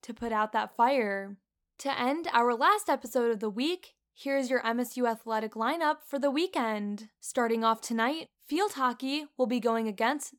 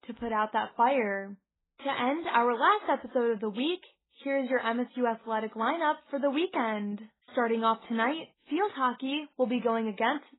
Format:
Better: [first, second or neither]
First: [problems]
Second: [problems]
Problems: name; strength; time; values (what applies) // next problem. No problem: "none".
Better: first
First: none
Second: garbled, watery; badly; nothing above 4 kHz